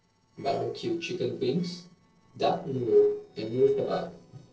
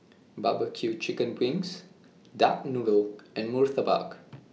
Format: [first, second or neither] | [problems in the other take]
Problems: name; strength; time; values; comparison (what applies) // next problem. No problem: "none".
second | noise reduction (neural separator model SepFormer DNS4)